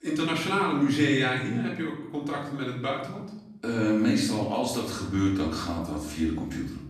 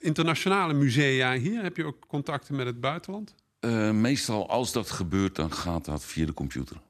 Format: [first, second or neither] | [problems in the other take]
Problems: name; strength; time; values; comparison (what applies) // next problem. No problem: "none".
second | off-mic speech; far // room echo; noticeable; dies away in 0.7 s